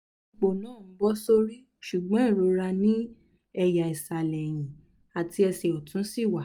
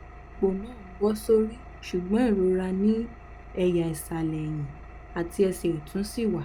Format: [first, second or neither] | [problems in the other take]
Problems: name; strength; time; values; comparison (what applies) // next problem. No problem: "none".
first | background sound (Engine); 16 dB below the speech